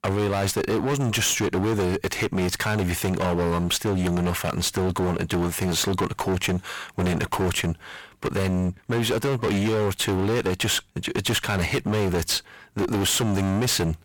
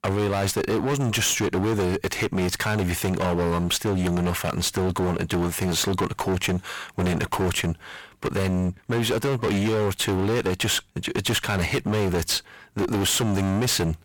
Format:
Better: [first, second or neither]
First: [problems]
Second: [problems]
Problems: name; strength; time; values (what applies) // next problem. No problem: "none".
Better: neither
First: distortion; heavy; 32% of the sound clipped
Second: distortion; heavy; 32% of the sound clipped